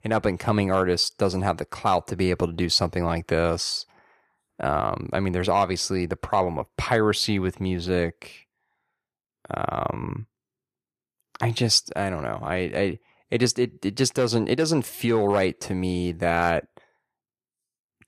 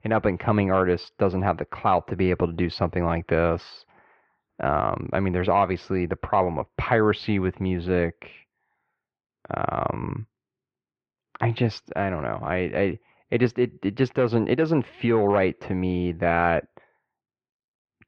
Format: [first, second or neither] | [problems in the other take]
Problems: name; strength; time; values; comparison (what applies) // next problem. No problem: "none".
first | muffled; very; fading above 3 kHz